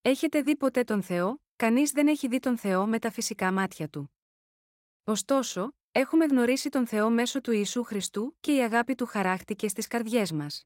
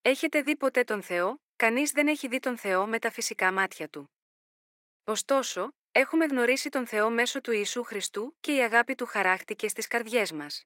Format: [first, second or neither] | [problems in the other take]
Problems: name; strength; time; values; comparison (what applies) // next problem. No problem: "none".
first | thin; somewhat; fading below 400 Hz